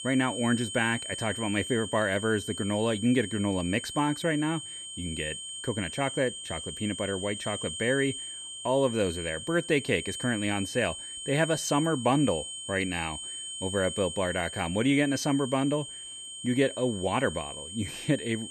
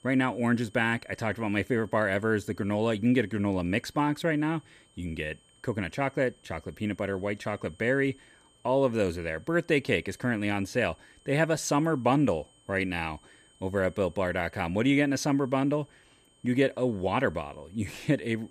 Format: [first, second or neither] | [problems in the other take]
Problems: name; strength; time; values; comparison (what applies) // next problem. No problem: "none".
second | high-pitched whine; loud; throughout; 3 kHz, 8 dB below the speech; faint in the second